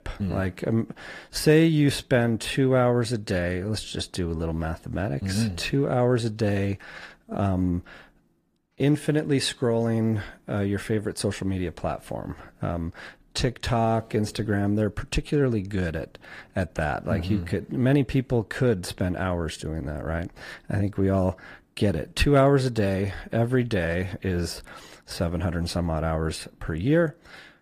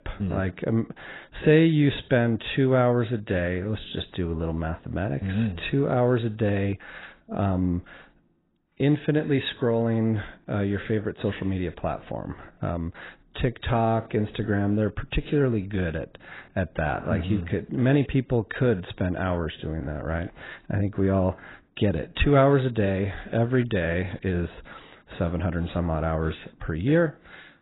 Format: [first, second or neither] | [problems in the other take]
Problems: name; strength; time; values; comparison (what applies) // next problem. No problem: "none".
first | garbled, watery; badly; nothing above 4 kHz; slightly in the first